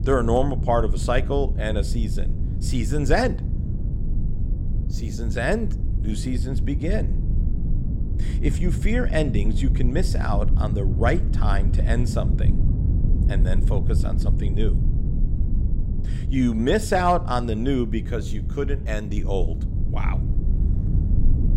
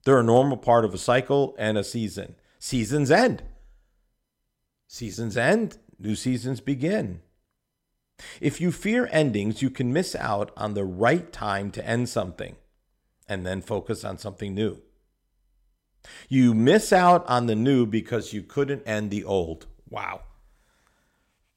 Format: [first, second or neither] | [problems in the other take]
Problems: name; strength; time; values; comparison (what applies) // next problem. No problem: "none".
second | low rumble; noticeable; throughout; 10 dB below the speech